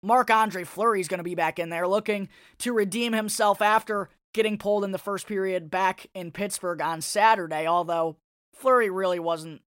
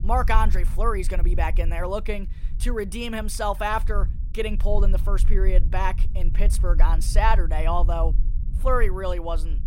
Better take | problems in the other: first | low rumble; noticeable; throughout; 20 dB below the speech

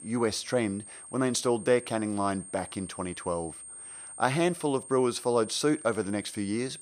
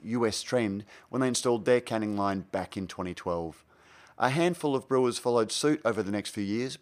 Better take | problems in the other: second | high-pitched whine; noticeable; throughout; 8.5 kHz, 15 dB below the speech

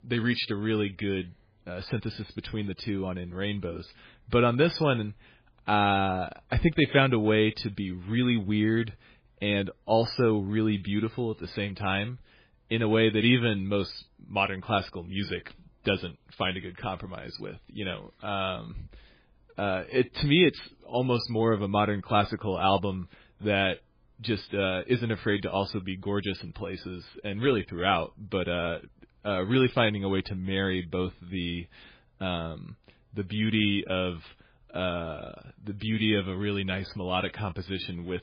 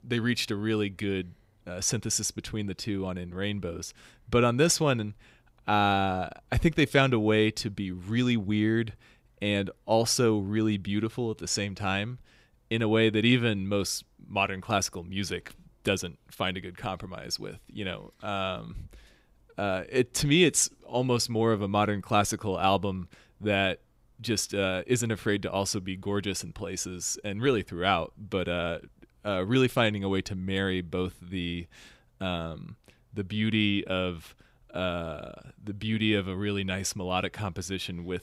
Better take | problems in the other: second | garbled, watery; badly; nothing above 5 kHz

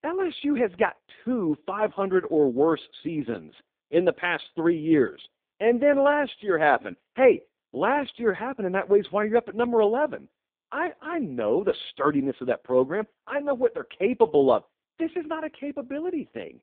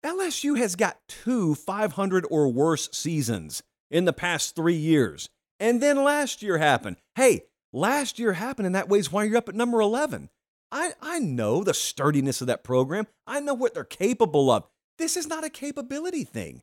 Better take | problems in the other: second | phone-call audio; poor line; nothing above 3.5 kHz

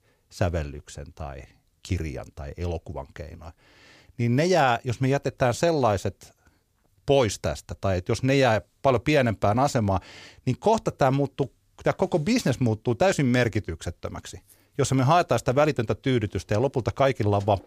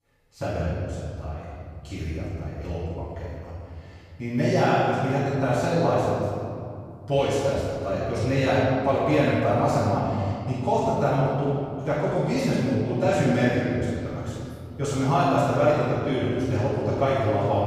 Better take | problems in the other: first | off-mic speech; far // room echo; strong; dies away in 2.4 s

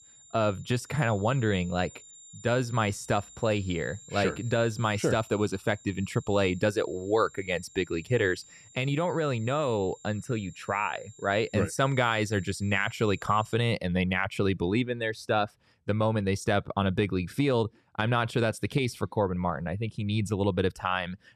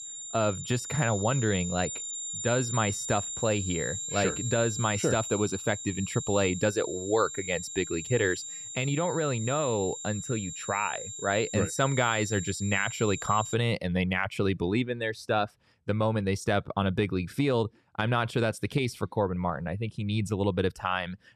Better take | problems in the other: first | high-pitched whine; loud; until 14 s; 7.5 kHz, 6 dB below the speech; faint in the first

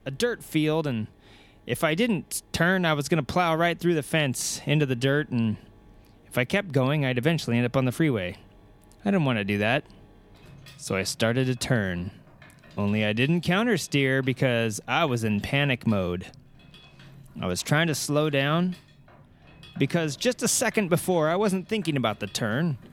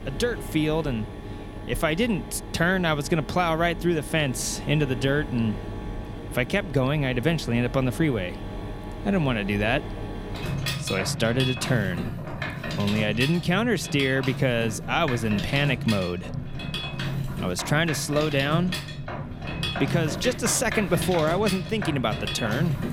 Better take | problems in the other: first | machinery noise; loud; throughout; 7 dB below the speech; faint in the first

